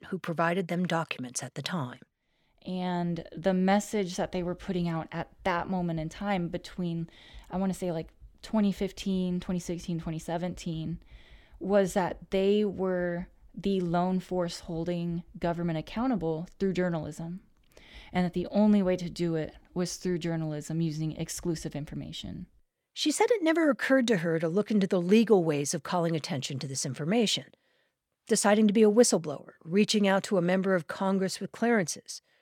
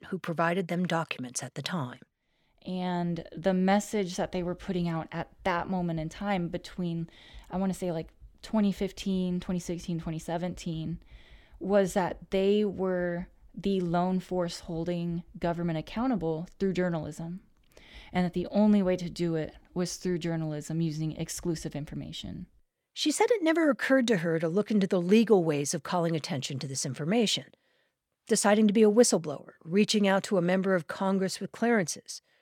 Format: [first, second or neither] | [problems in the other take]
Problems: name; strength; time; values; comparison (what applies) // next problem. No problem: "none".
neither | none